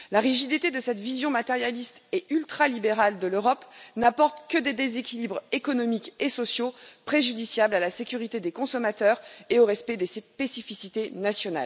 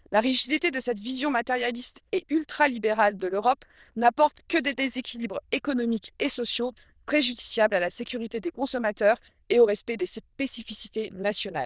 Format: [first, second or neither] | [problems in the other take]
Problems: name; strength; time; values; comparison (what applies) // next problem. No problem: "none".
first | noise reduction (neural diffusion model UNIVERSE++)